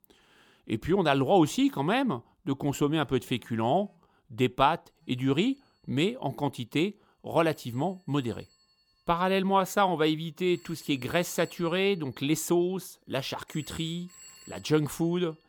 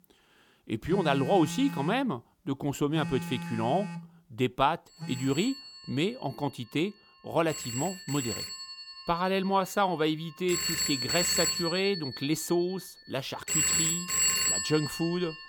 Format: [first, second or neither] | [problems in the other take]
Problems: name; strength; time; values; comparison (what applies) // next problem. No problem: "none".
first | alarms or sirens; loud; throughout; as loud as the speech; faint in the first